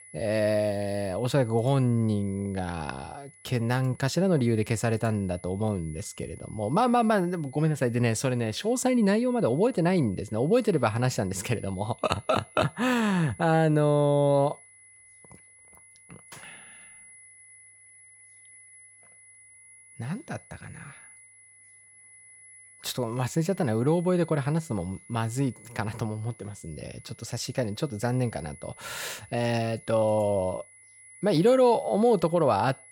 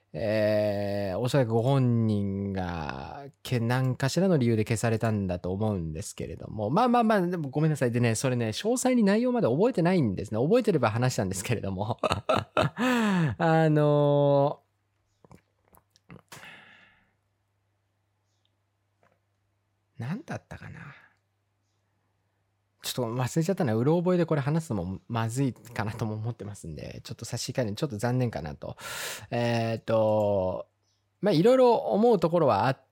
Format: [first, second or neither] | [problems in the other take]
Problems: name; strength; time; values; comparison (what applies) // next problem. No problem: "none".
second | high-pitched whine; faint; throughout; 10.5 kHz, 25 dB below the speech